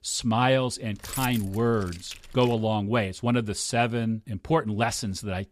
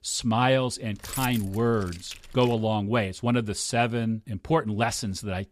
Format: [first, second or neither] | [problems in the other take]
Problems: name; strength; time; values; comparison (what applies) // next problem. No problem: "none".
neither | jangling keys; noticeable; from 1 to 2.5 s; peak 8 dB below the speech; the same in both